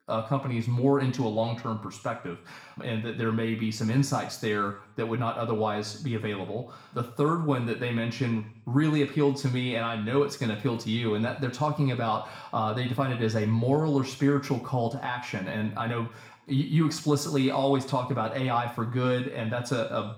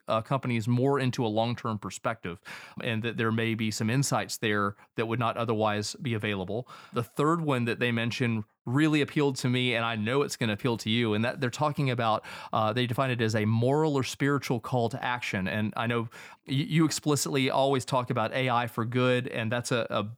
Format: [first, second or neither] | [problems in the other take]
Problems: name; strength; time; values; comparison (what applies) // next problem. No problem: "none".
second | room echo; slight; dies away in 0.5 s // off-mic speech; somewhat distant